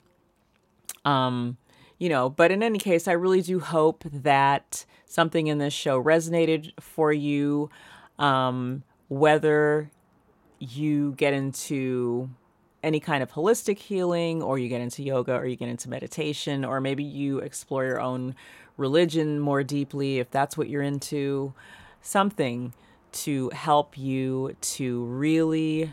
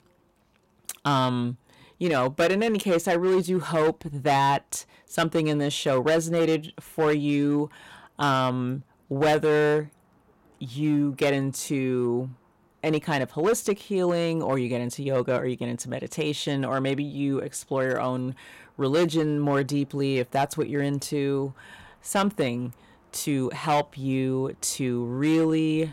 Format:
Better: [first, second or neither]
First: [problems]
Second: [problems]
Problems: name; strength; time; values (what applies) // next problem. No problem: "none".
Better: first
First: none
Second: distortion; slight; 5% of the sound clipped